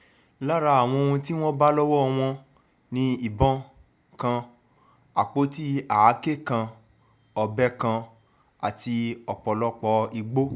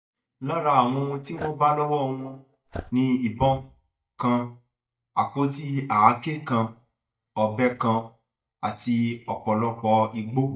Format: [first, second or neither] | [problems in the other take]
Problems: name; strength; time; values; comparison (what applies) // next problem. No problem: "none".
first | noise reduction (neural mask model DeepFilterNet 3)